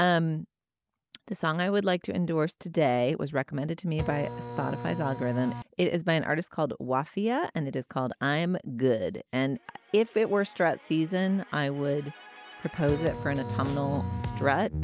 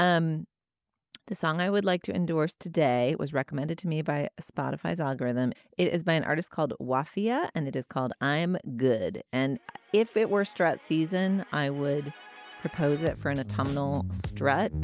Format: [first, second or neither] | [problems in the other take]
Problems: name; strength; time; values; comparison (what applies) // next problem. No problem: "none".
second | background sound (Printer); 8 dB below the speech